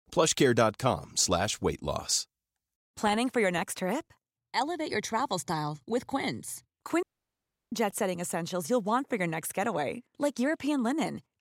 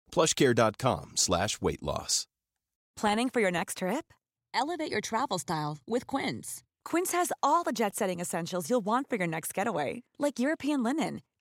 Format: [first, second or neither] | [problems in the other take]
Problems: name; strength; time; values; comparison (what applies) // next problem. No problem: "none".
second | audio cutting out; at 7 s for 0.5 s